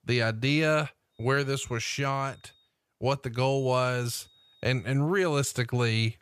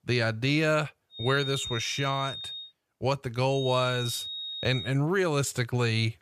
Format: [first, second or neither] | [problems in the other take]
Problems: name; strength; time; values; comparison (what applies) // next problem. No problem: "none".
first | high-pitched whine; loud; from 1 to 2.5 s and from 3.5 to 5 s; 3.5 kHz, 7 dB below the speech; faint in the first